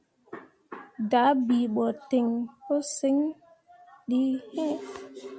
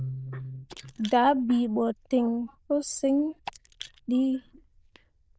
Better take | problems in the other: first | noise reduction (neural diffusion model UNIVERSE++)

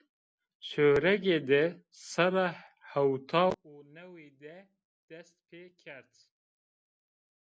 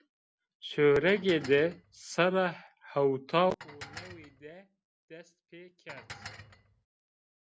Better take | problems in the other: first | background sound (Dishes, pots, and pans); 18 dB below the speech

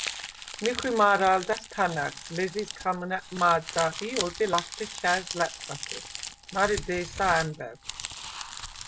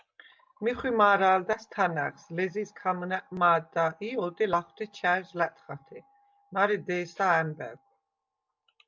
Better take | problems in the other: second | background sound (Crumpling, crinkling); 10 dB below the speech

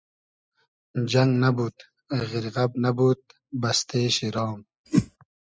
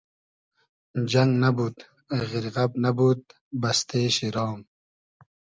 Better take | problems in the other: second | noise reduction (classical method spectral subtraction)

